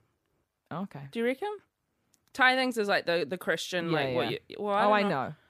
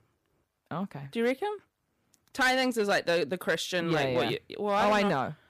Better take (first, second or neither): first